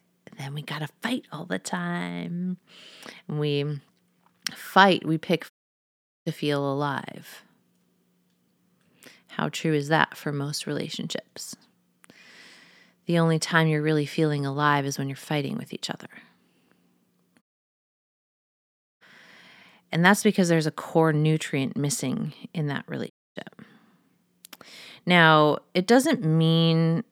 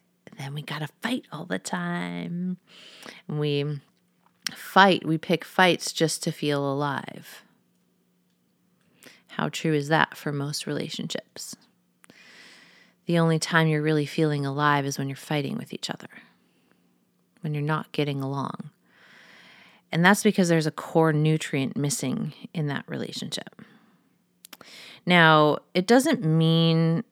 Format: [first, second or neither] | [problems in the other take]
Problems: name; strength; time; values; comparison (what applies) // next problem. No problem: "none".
second | audio cutting out; at 5.5 s for 1 s, at 17 s for 1.5 s and at 23 s